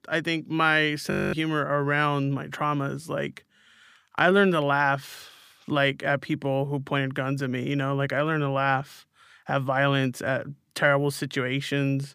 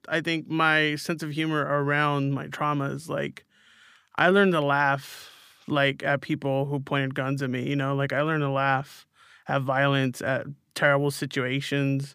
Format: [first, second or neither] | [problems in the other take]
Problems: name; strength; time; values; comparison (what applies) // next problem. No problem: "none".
second | audio freezing; at 1 s